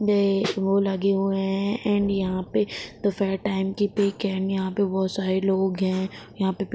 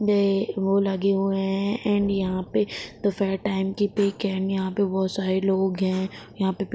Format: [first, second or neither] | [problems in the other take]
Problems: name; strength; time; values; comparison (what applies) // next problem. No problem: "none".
second | background sound (Snare drum); 8 dB below the speech